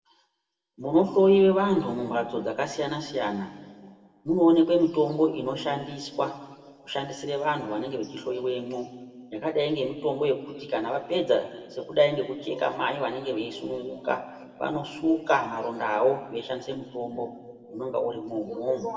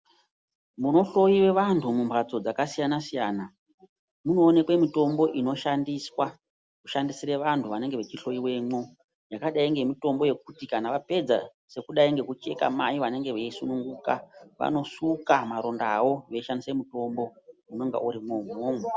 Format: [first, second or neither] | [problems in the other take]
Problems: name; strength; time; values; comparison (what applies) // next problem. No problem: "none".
second | room echo; dies away in 1.6 s